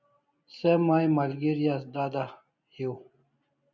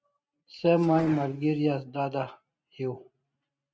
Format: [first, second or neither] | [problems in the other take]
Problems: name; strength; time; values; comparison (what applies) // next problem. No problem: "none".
first | noise reduction (neural mask model RNNoise)